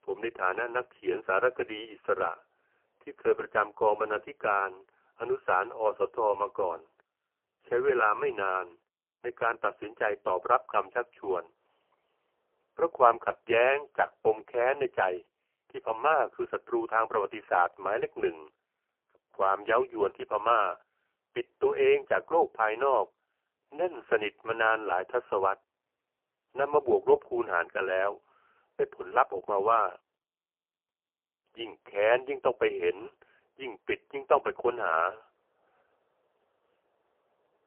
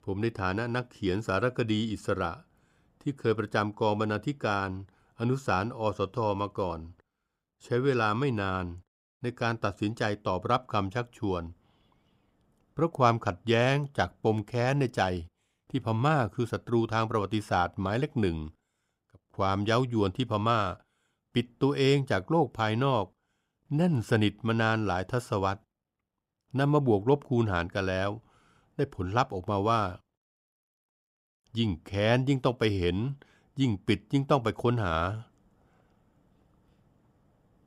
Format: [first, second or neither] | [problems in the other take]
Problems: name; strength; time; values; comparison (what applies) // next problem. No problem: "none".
second | phone-call audio; poor line; nothing above 3 kHz